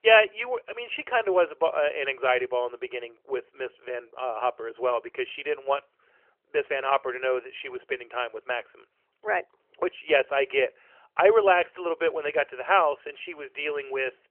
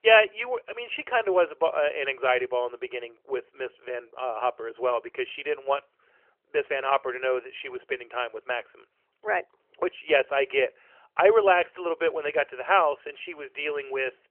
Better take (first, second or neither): neither